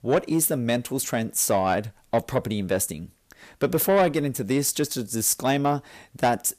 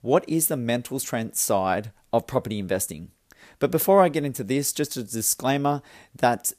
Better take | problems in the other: second | distortion; slight; 10 dB below the speech

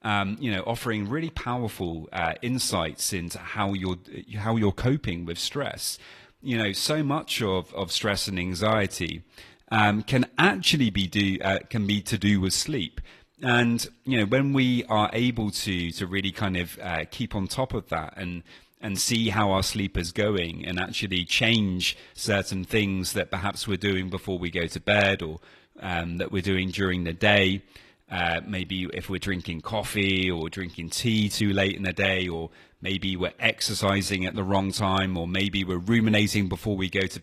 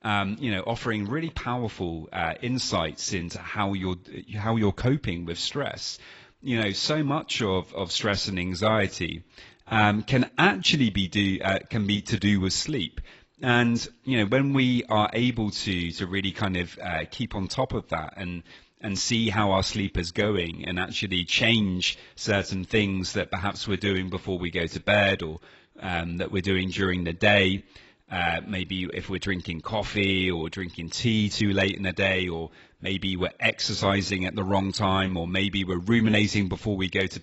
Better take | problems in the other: first | garbled, watery; badly; nothing above 7.5 kHz; slightly in the first

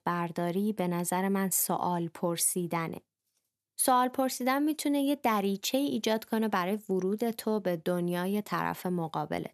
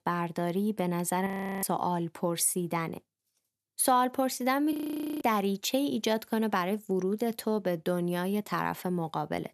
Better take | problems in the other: first | audio freezing; at 1.5 s and at 4.5 s

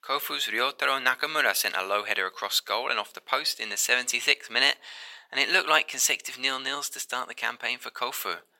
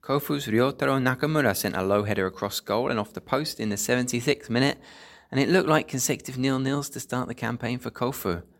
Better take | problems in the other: second | thin; very; fading below 850 Hz

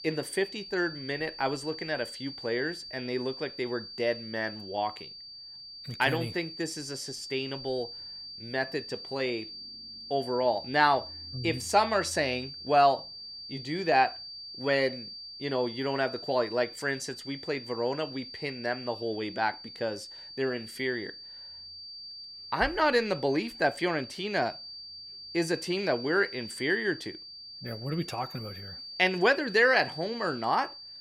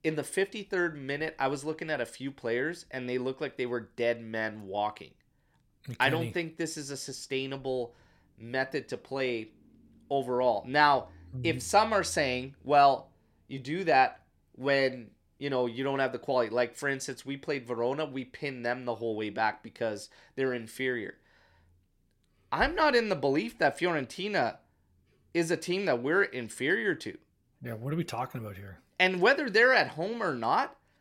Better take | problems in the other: second | high-pitched whine; noticeable; throughout; 4.5 kHz, 10 dB below the speech

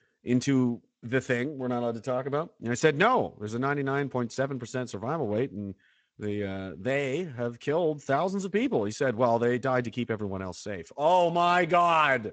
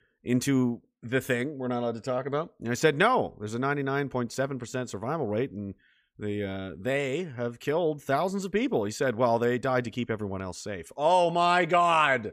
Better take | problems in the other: second | garbled, watery; slightly; nothing above 7.5 kHz

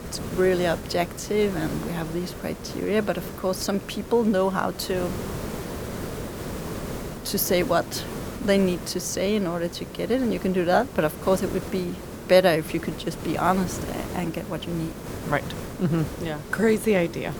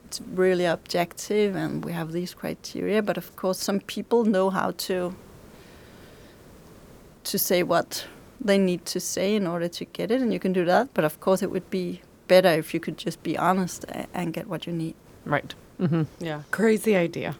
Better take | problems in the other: second | hiss; loud; throughout; 10 dB below the speech; faint in the second

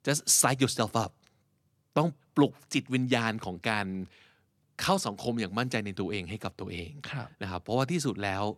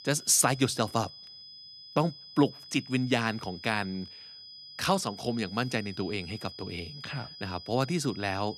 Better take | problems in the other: first | high-pitched whine; noticeable; throughout; 5 kHz, 15 dB below the speech

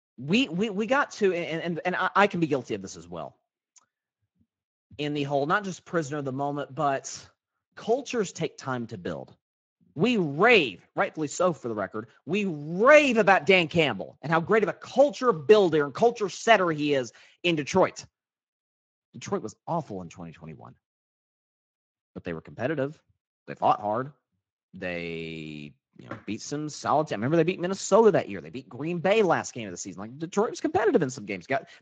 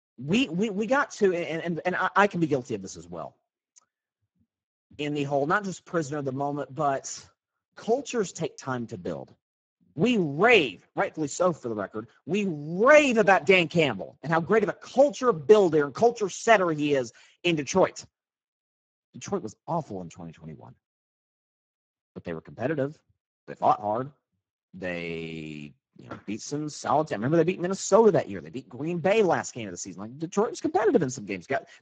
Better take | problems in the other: first | garbled, watery; badly; nothing above 7.5 kHz; slightly in the first

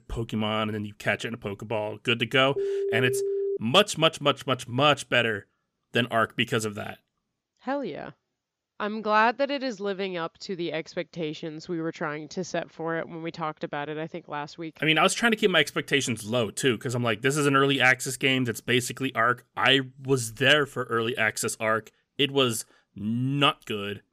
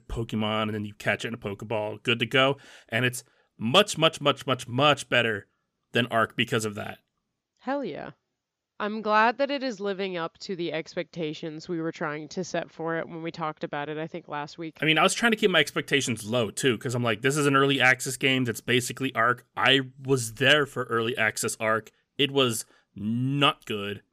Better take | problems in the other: second | phone ringing; noticeable; from 2.5 to 3.5 s; peak 2 dB below the speech

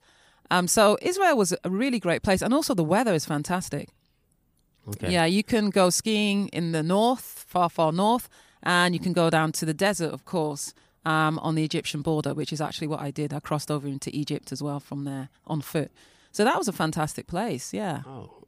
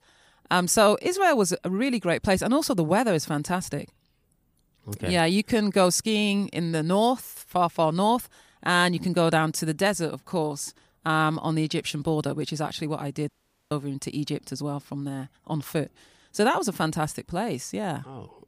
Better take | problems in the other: first | audio cutting out; at 13 s

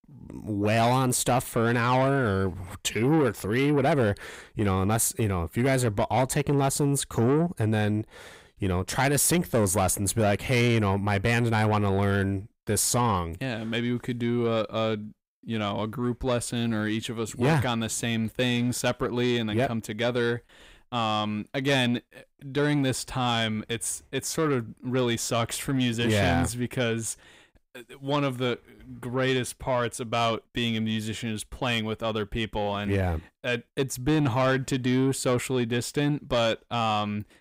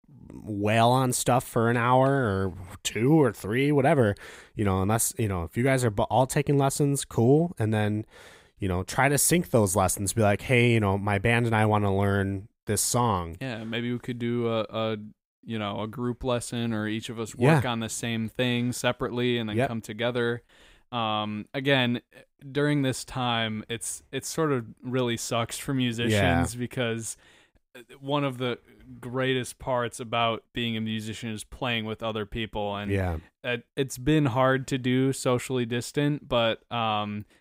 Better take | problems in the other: second | distortion; slight; 10 dB below the speech

